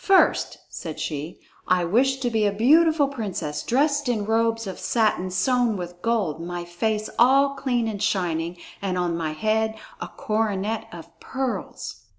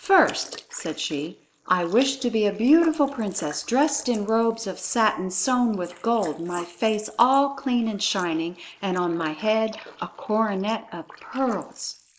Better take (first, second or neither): first